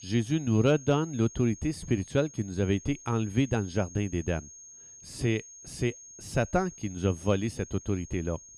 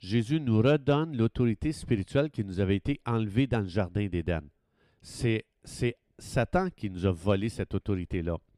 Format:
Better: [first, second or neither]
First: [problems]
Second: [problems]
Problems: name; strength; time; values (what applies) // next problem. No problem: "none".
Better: second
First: high-pitched whine; noticeable; throughout; 6.5 kHz, 15 dB below the speech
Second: none